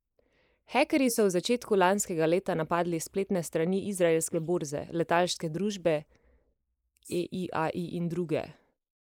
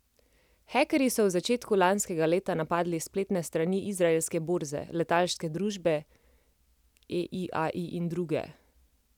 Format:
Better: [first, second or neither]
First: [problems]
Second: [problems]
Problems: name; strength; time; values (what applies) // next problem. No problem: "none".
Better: second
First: noise reduction (neural mask model Resemble Enhance denoiser)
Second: none